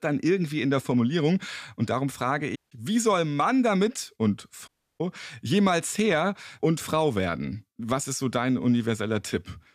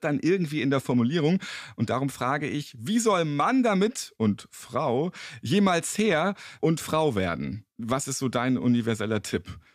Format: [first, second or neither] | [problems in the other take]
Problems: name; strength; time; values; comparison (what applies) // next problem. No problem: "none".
second | audio cutting out; at 2.5 s and at 4.5 s